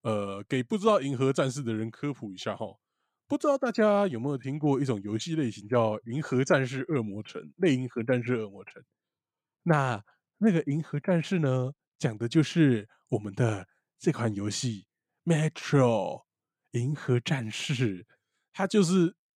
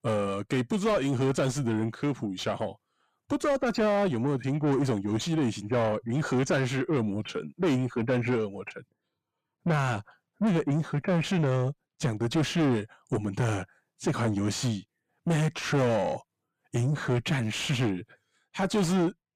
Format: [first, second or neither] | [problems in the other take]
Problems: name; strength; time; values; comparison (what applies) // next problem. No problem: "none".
first | distortion; heavy; 7 dB below the speech